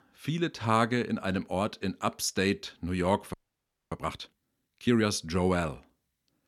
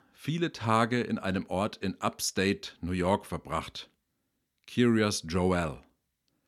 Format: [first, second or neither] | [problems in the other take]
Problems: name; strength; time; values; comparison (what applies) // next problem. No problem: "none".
second | audio freezing; at 3.5 s for 0.5 s